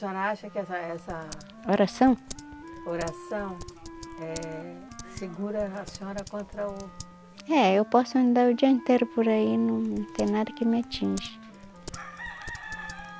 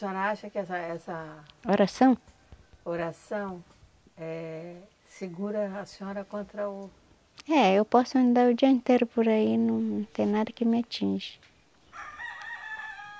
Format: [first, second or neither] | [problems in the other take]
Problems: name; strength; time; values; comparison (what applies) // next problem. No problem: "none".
second | background sound (Wind instrument, woodwind instrument + Typing); 16 dB below the speech